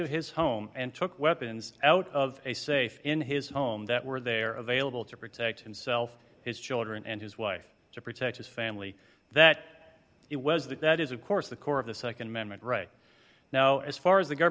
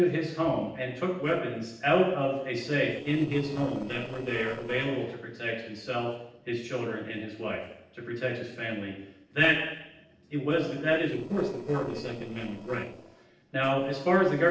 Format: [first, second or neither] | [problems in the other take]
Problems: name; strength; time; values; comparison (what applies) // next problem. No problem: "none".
first | noise reduction (neural separator model SepFormer DNS4)